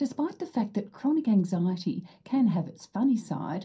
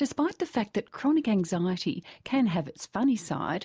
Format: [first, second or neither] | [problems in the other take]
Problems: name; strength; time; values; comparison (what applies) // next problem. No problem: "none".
second | room echo; dies away in 0.3 s